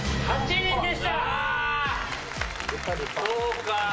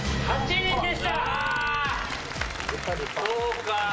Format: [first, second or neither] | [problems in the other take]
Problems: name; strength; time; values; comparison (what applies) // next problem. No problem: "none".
first | background sound (Fart); 16 dB below the speech